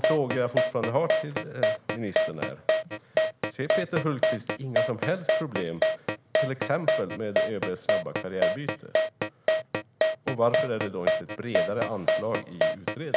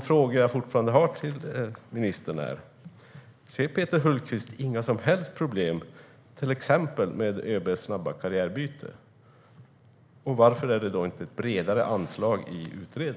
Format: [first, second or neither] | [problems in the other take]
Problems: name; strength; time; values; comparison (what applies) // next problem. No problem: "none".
second | background sound (Keyboard (musical)); 4 dB above the speech